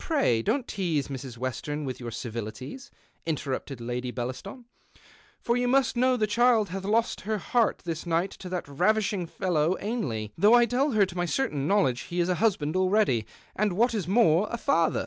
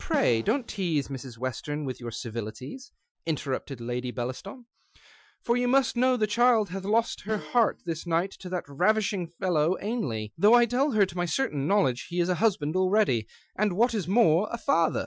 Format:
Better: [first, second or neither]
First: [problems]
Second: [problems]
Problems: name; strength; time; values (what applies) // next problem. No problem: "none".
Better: first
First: none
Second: noise reduction (classical method Wiener filter)